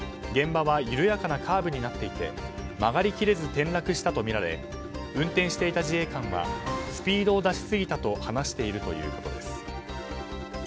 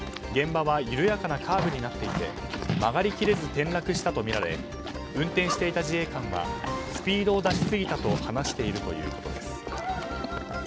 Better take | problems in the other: first | background sound (Livestock, farm animals, working animals); 7 dB below the speech

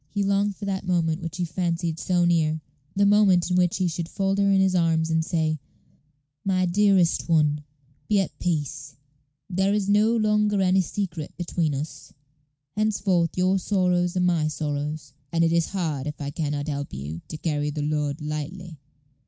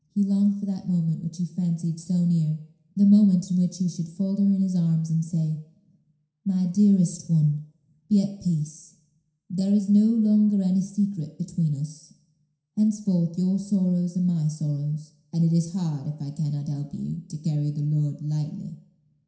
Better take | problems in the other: first | room echo; dies away in 0.7 s

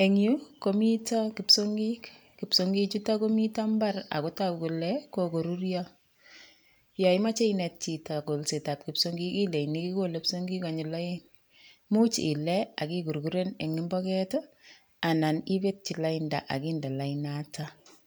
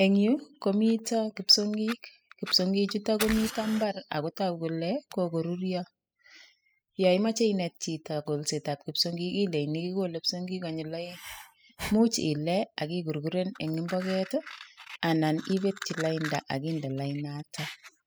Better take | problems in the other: first | noise reduction (classical method spectral subtraction)

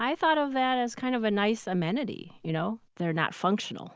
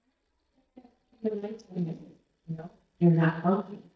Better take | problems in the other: first | noise reduction (neural mask model DeepFilterNet 3)

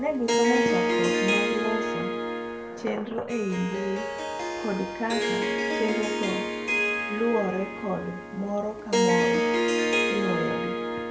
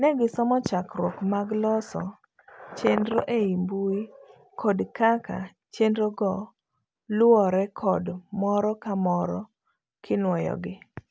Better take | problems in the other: second | background sound (Harp); 4 dB above the speech // room echo; dies away in 0.4 s

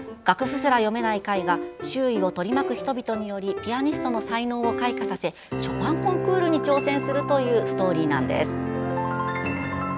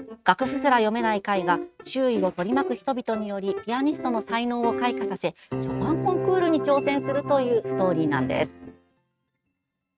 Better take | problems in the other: first | noise reduction (neural mask model RNNoise)

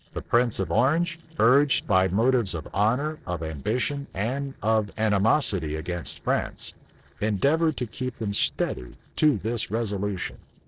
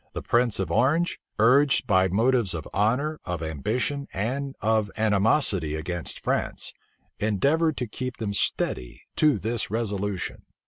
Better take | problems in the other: second | noise reduction (neural separator model SepFormer DNS4)

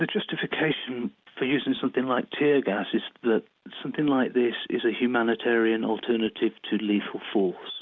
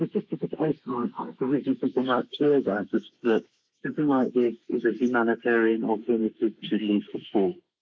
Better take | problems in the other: first | noise reduction (neural mask model Resemble Enhance denoiser)

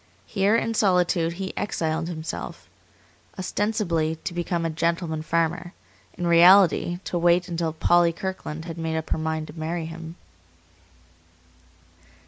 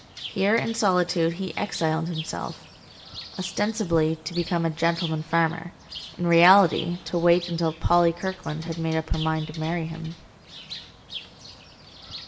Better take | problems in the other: first | background sound (Bird); 16 dB below the speech // room echo; dies away in 1 s

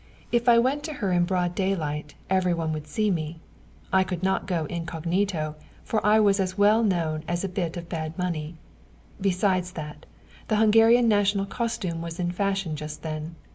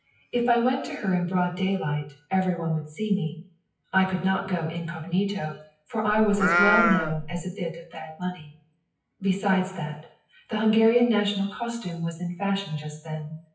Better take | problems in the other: first | noise reduction (classical method WPE with log-MMSE)

